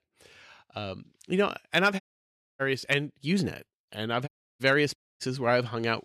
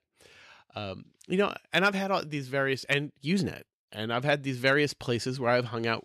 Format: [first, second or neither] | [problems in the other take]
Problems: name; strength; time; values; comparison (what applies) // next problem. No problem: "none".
second | audio cutting out; at 2 s for 0.5 s, at 4.5 s and at 5 s